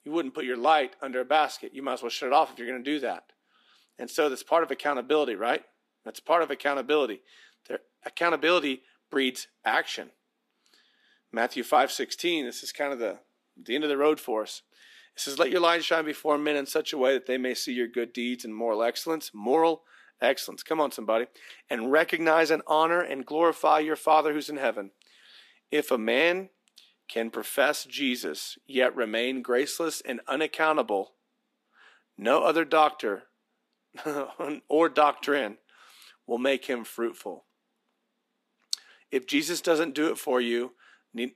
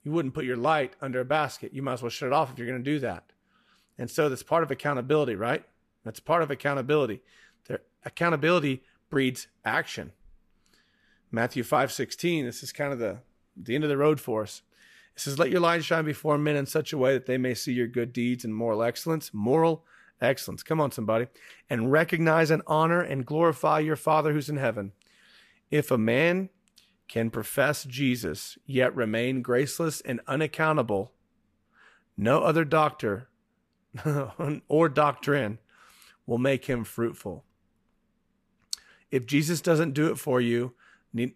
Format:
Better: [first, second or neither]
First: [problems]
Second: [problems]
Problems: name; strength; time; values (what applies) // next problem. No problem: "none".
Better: second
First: thin; very slightly; fading below 250 Hz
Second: none